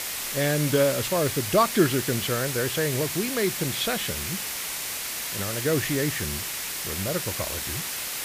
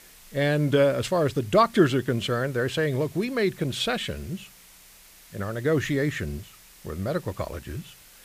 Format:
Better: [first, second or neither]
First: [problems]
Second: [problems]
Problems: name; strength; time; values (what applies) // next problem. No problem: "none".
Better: second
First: hiss; loud; throughout; 2 dB below the speech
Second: hiss; faint; throughout; 25 dB below the speech